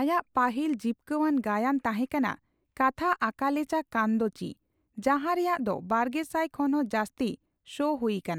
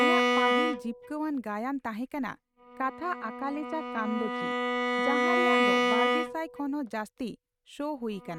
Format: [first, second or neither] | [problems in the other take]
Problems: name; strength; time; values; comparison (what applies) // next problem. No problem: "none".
first | noise reduction (neural mask model RNNoise)